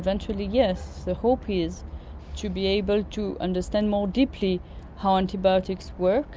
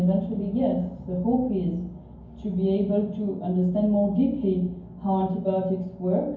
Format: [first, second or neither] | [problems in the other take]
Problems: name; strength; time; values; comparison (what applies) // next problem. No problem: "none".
first | room echo; dies away in 0.9 s